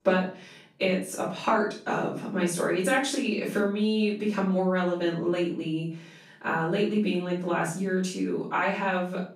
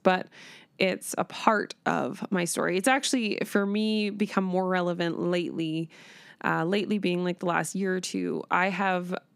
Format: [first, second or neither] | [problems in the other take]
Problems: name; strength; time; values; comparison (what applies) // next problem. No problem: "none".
second | off-mic speech; far // room echo; noticeable; dies away in 0.4 s